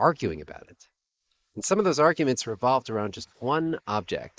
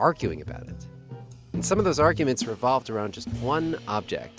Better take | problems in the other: second | noise reduction (neural mask model Resemble Enhance denoiser)

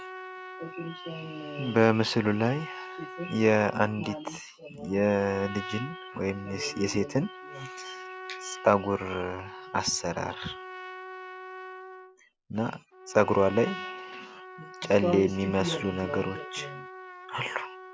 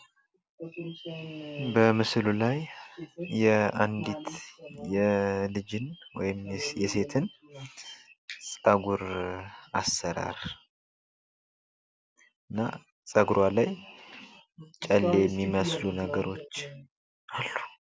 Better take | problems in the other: second | background sound (Trumpet); 14 dB below the speech

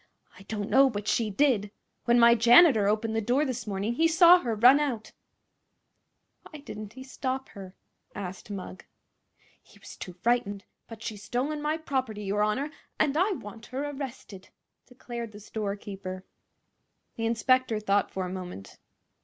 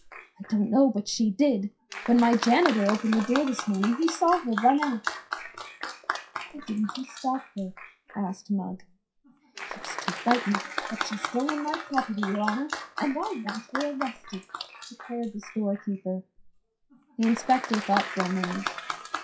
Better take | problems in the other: first | noise reduction (classical method WPE with log-MMSE)

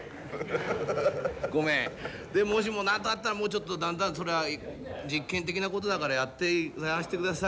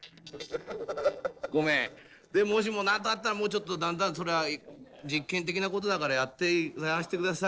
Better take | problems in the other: first | noise reduction (neural separator model SepFormer DNS4)

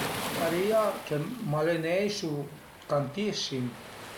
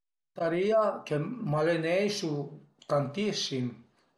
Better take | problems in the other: second | background sound (Waves, surf); 9 dB below the speech

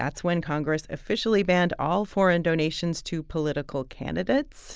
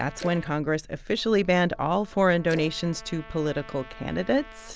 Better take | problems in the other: first | background sound (Trumpet + Splash, splatter); 19 dB below the speech

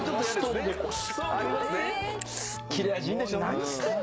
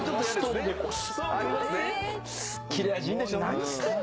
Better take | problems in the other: second | background sound (Camera); 18 dB below the speech

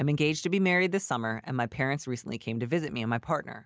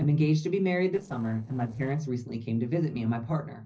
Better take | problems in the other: first | noise reduction (neural separator model SepFormer DNS4)

